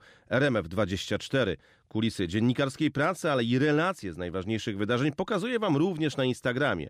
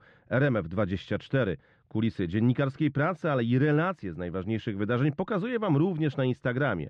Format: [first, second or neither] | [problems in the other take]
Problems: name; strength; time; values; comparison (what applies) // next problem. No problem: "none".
first | muffled; slightly; fading above 2.5 kHz